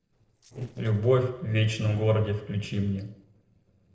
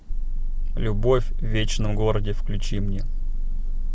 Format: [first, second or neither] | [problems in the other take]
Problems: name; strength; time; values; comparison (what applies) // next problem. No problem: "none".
second | noise reduction (neural separator model SepFormer DNS4)